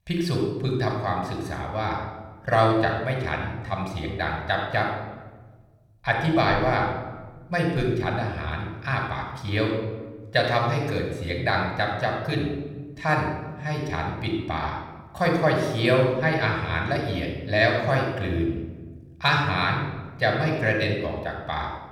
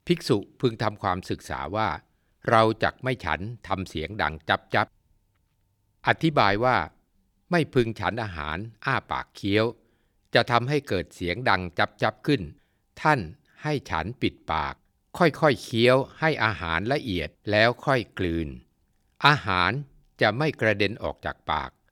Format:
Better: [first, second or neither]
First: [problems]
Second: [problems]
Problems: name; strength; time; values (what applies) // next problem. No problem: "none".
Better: second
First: off-mic speech; somewhat distant // room echo; noticeable; dies away in 1.1 s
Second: none